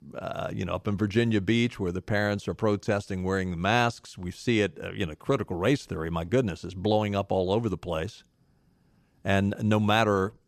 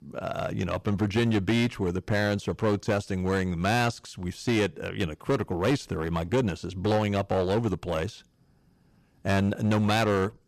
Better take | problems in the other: first | distortion; slight; 8% of the sound clipped

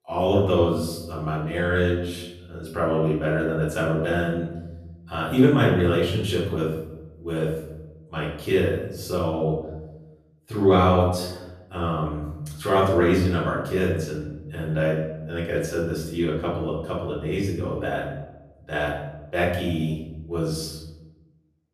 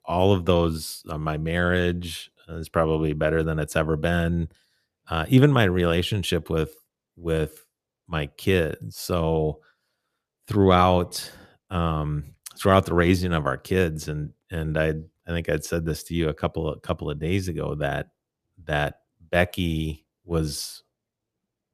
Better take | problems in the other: second | room echo; noticeable; dies away in 0.8 s // off-mic speech; far

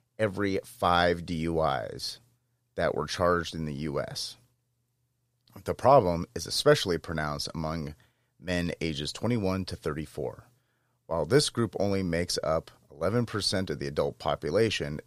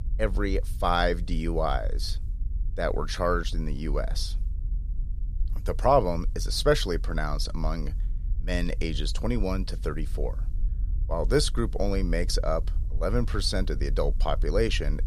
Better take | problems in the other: first | low rumble; faint; throughout; 25 dB below the speech

